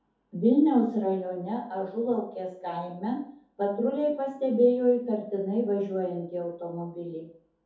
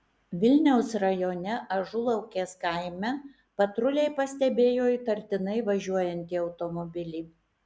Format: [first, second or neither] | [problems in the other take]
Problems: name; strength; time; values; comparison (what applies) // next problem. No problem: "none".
second | room echo; dies away in 0.5 s